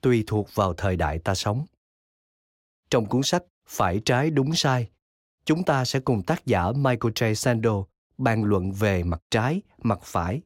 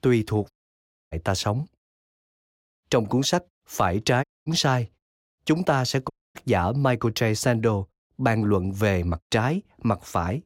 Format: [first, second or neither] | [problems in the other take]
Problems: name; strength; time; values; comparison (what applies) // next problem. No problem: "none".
first | audio cutting out; at 0.5 s for 0.5 s, at 4 s and at 6 s